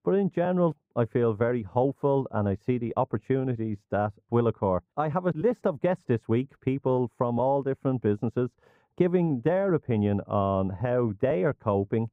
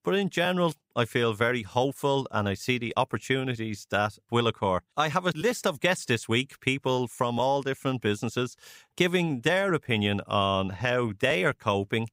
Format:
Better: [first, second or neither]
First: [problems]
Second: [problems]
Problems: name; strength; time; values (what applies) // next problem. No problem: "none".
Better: second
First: muffled; very; fading above 2 kHz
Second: none